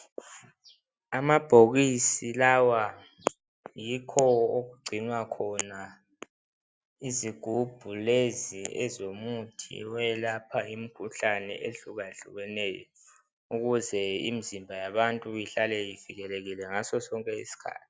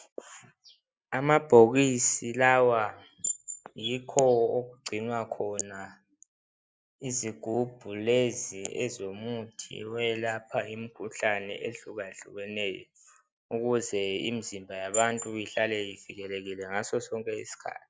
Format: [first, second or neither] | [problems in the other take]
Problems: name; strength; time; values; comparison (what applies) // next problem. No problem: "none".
first | noise reduction (neural mask model Resemble Enhance denoiser)